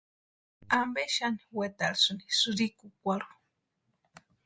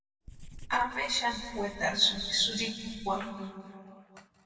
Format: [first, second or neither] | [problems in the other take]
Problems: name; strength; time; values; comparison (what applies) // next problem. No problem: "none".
first | background sound (Writing); 16 dB below the speech // room echo; dies away in 2.1 s